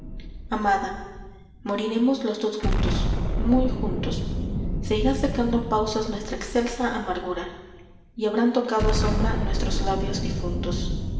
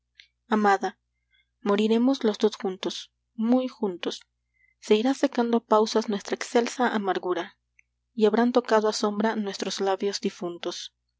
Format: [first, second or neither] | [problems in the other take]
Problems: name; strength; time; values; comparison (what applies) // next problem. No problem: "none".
second | background sound (Explosion); as loud as the speech // room echo; dies away in 1.2 s